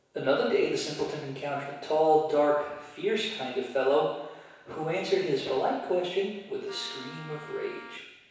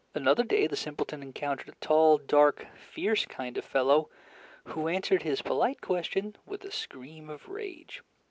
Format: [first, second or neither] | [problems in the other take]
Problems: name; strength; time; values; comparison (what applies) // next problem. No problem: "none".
second | background sound (Wind instrument, woodwind instrument); 18 dB below the speech // room echo; dies away in 1.1 s